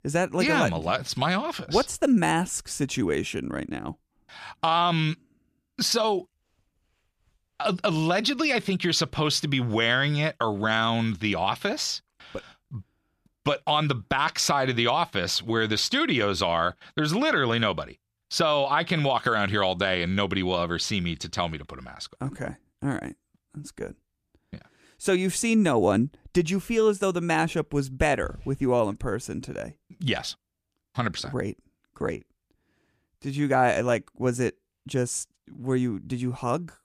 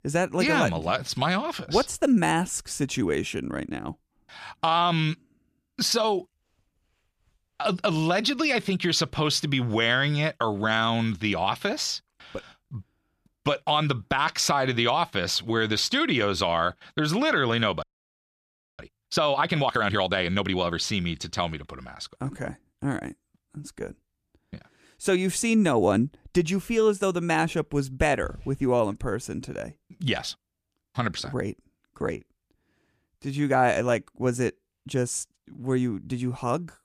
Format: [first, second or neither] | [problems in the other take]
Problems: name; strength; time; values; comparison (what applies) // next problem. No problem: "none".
first | audio freezing; at 18 s for 1 s